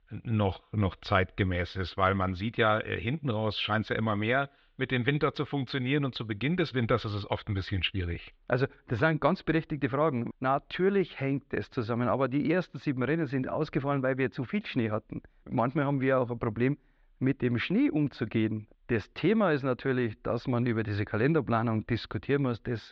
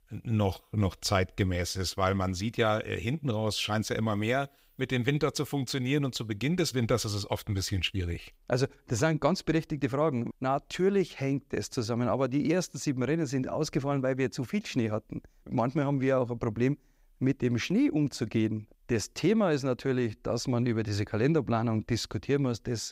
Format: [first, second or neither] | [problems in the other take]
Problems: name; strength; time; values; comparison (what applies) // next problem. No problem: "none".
second | muffled; slightly; fading above 3.5 kHz